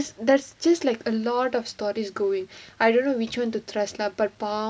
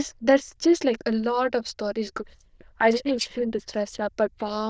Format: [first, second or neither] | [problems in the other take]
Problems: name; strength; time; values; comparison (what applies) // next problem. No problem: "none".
first | noise reduction (neural diffusion model UNIVERSE++)